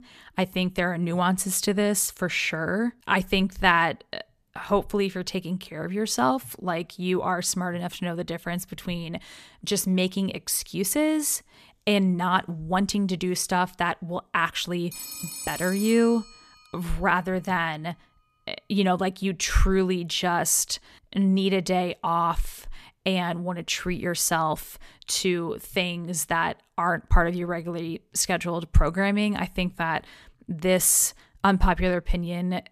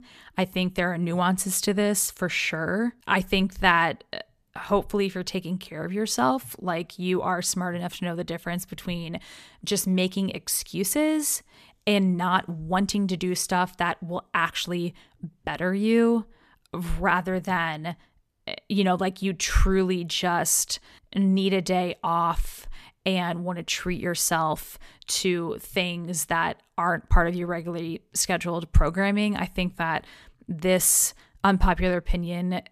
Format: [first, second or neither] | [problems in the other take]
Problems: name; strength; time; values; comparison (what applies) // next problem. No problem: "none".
second | phone ringing; noticeable; from 15 to 16 s; peak 8 dB below the speech